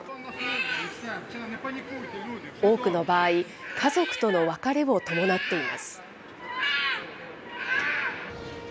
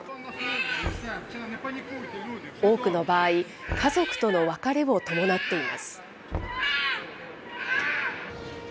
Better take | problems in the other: first | background sound (Knock); 14 dB below the speech

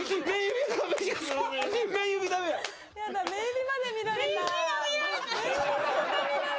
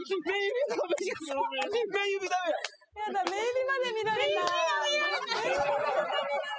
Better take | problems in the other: first | noise reduction (classical method spectral subtraction)

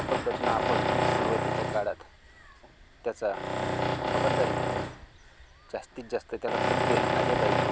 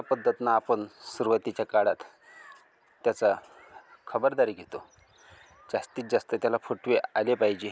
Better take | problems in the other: second | background sound (Tools); 5 dB above the speech

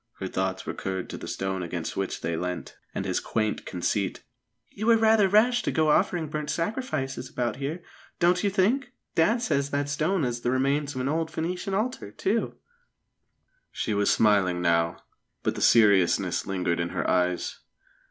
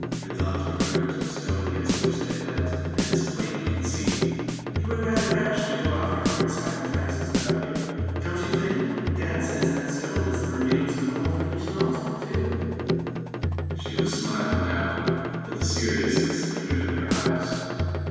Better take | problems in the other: first | background sound (Drum kit); 2 dB above the speech // room echo; dies away in 2.1 s

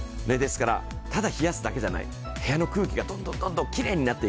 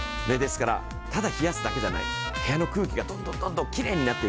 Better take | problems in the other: first | background sound (Trumpet); 8 dB below the speech

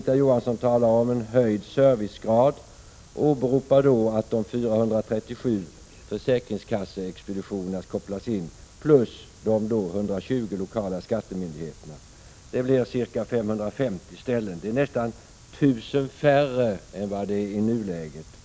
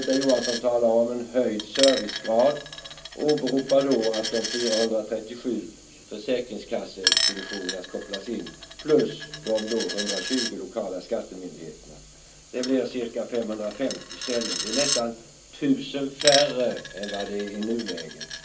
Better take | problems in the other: first | background sound (Coin (dropping)); 6 dB below the speech // room echo; dies away in 0.3 s

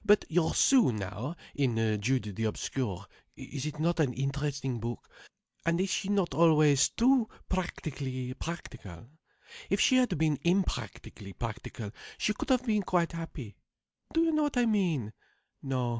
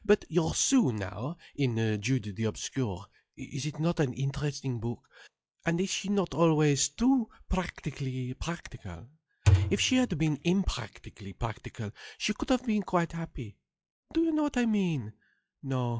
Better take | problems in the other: first | noise reduction (classical method log-MMSE)

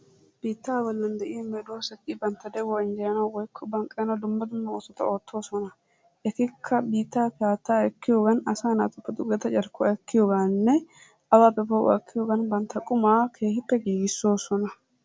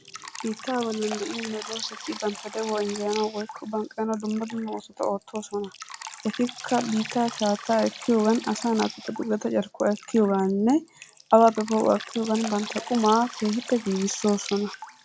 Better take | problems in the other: first | background sound (Drip); 14 dB below the speech

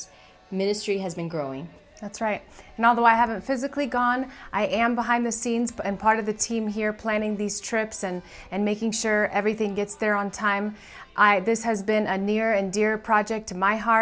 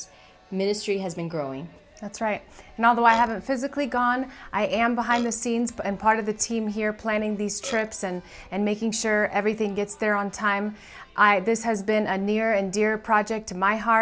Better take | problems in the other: first | background sound (Burping, eructation); 13 dB below the speech

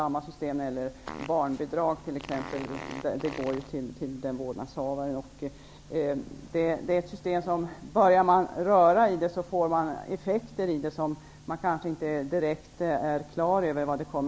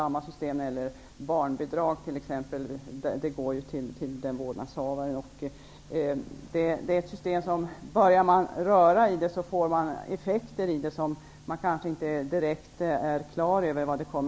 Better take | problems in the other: second | background sound (Fart); 14 dB below the speech

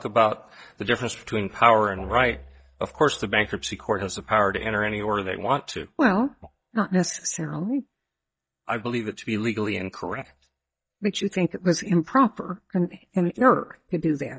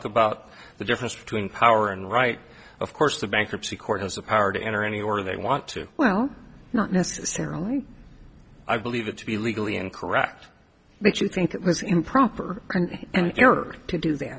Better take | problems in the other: second | noise reduction (neural mask model DeepFilterNet 3)

